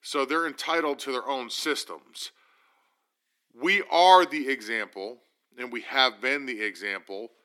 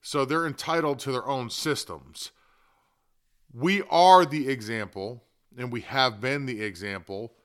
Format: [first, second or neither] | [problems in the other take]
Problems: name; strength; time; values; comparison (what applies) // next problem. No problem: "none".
second | thin; very slightly; fading below 250 Hz